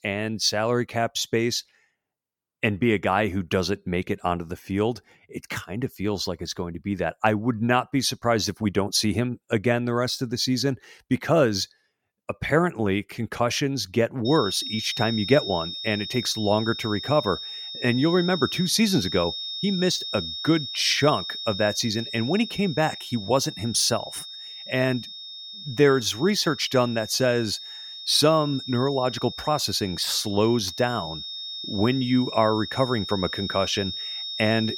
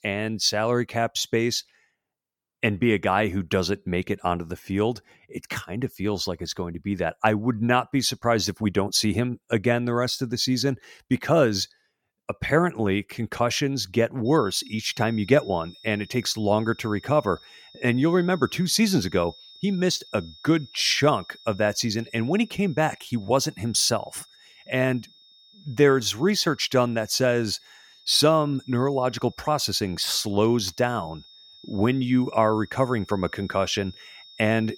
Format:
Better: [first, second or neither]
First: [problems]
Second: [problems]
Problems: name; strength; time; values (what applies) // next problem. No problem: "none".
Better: second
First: high-pitched whine; loud; from 14 s on; 3.5 kHz, 8 dB below the speech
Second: high-pitched whine; faint; from 14 s on; 3.5 kHz, 25 dB below the speech